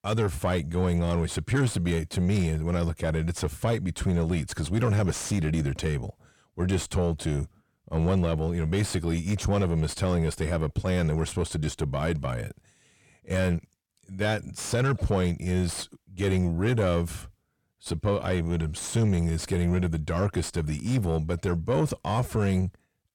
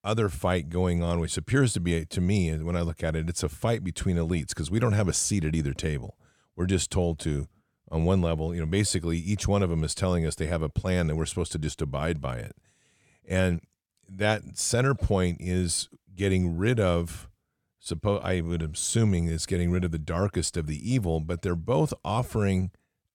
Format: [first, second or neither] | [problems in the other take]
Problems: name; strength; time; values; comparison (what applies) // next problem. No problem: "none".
second | distortion; slight; 10 dB below the speech